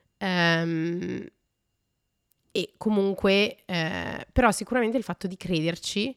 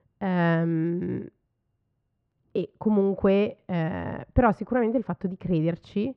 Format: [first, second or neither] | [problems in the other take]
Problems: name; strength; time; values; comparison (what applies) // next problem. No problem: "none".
first | muffled; very; fading above 1 kHz